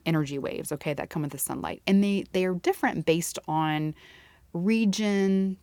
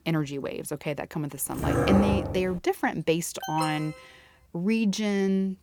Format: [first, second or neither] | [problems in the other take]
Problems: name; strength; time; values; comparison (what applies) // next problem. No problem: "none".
first | dog barking; loud; from 1.5 to 2.5 s; peak 3 dB above the speech // alarm; noticeable; at 3.5 s; peak 7 dB below the speech